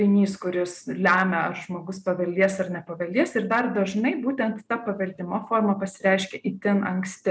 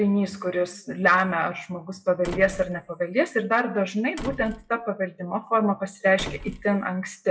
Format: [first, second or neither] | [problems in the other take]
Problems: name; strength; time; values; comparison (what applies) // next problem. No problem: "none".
first | noise reduction (classical method WPE with log-MMSE)